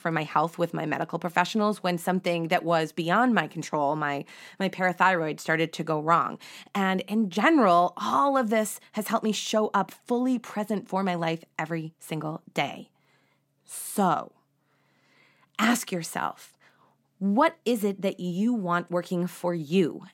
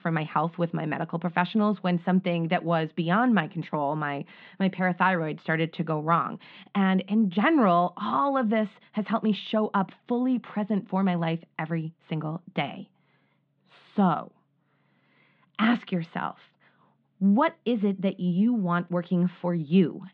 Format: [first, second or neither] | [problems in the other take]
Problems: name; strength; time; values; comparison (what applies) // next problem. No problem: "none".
first | muffled; very; fading above 3.5 kHz